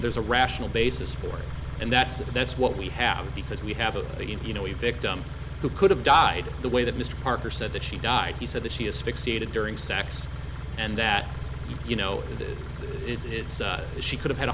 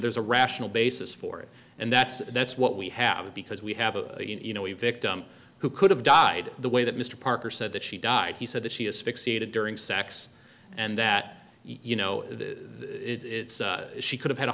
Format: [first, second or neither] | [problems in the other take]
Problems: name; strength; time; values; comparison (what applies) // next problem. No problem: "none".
second | background sound (Idling / Car); 6 dB below the speech